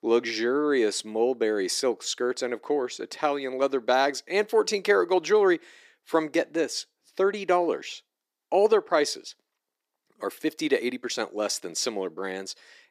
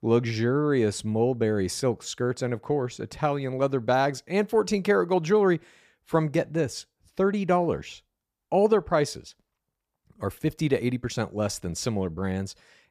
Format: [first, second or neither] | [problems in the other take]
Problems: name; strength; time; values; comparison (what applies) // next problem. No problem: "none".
second | thin; somewhat; fading below 300 Hz